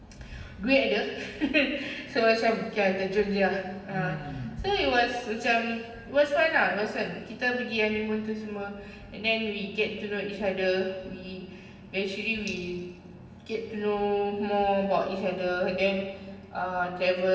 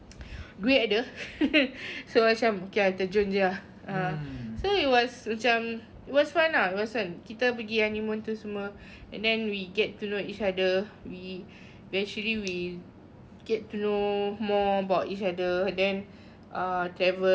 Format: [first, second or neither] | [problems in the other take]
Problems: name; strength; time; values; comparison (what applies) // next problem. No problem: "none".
second | room echo; dies away in 1.4 s